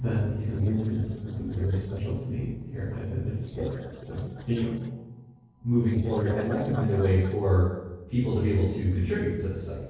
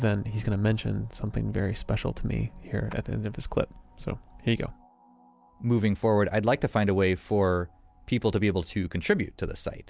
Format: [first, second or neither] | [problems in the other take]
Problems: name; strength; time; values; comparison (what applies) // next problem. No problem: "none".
second | noise reduction (neural separator model SepFormer DNS4)